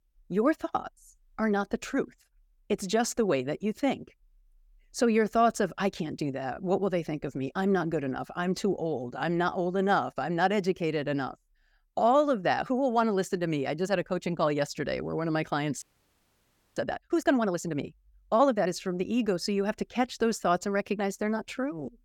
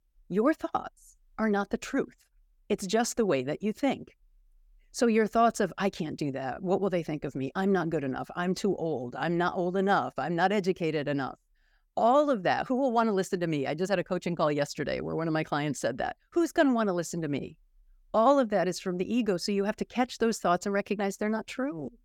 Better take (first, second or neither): second